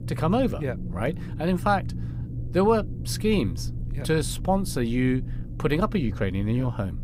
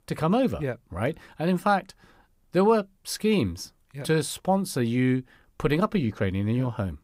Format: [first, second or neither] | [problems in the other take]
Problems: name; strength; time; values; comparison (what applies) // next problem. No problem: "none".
second | low rumble; noticeable; throughout; 20 dB below the speech